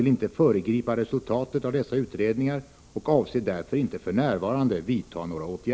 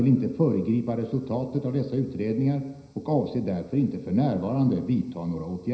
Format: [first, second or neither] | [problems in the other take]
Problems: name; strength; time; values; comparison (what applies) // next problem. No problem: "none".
first | room echo; dies away in 0.9 s